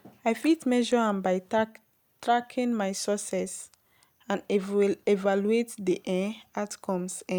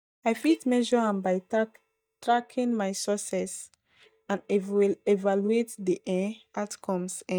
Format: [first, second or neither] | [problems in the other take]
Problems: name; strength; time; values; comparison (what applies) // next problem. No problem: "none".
first | noise reduction (neural mask model DeepFilterNet 3)